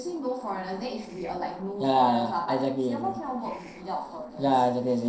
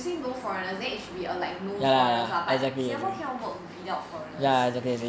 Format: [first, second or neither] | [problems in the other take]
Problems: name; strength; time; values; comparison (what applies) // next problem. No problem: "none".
second | noise reduction (neural separator model SepFormer DNS4)